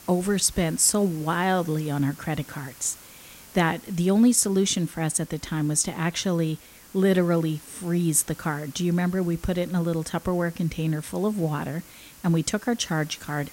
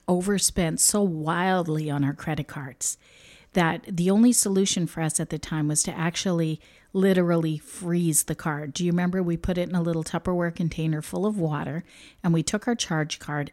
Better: second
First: hiss; faint; throughout; 20 dB below the speech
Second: none

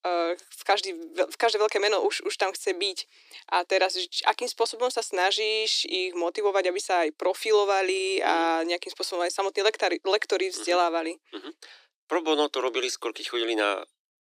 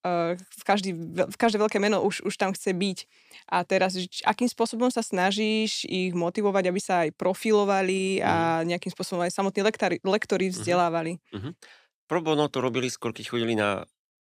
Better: second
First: thin; very; fading below 300 Hz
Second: none

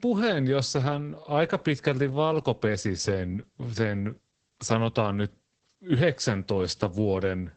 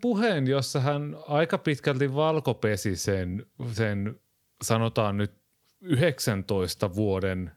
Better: second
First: garbled, watery; badly; nothing above 8 kHz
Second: none

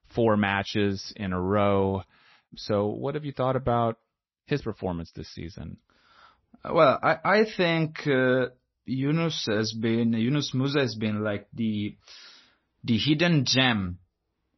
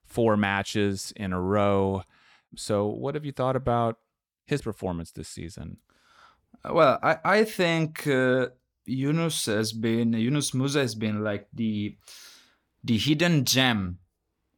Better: second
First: garbled, watery; slightly; nothing above 6 kHz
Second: none

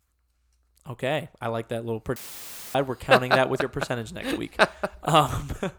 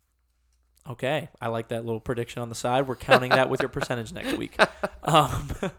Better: second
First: audio cutting out; filled with static; at 2 s for 0.5 s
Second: none

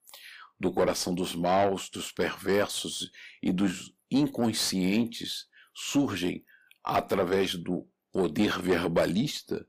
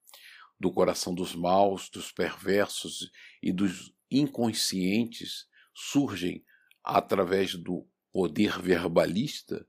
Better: second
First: distortion; slight; 10 dB below the speech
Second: none

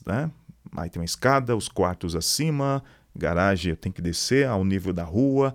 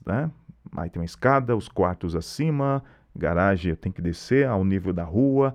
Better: first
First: none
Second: muffled; slightly; fading above 3.5 kHz

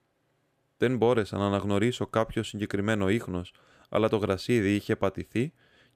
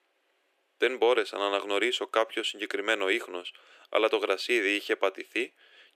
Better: first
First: none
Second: thin; very; fading below 350 Hz

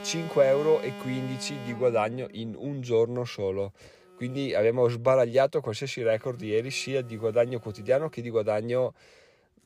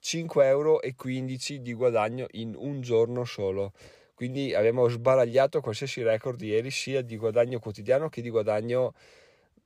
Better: second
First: alarms or sirens; noticeable; throughout; 15 dB below the speech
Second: none

